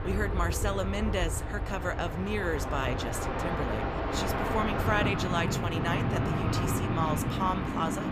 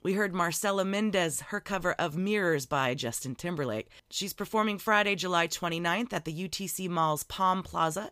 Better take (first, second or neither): second